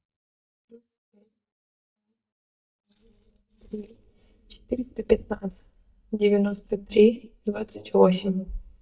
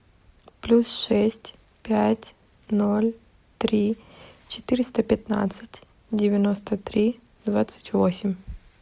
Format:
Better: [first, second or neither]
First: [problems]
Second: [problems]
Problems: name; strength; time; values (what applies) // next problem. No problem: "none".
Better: second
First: noise reduction (neural mask model DeepFilterNet 3)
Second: none